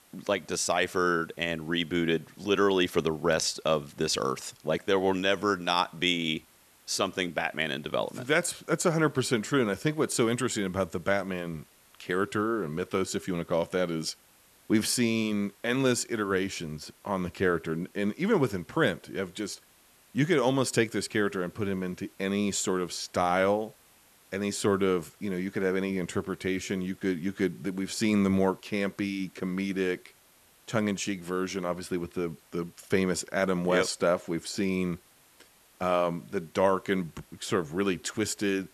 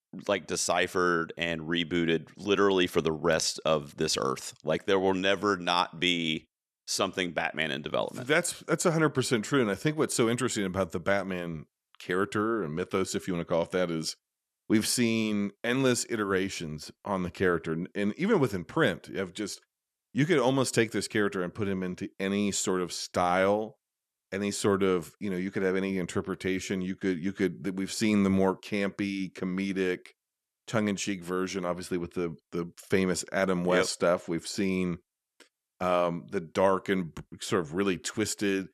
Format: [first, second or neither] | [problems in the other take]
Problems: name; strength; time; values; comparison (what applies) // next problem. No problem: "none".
second | hiss; faint; throughout; 30 dB below the speech